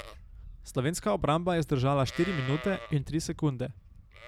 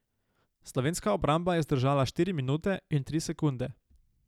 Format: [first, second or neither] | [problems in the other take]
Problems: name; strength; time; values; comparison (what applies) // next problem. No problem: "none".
second | background sound (Livestock, farm animals, working animals); 15 dB below the speech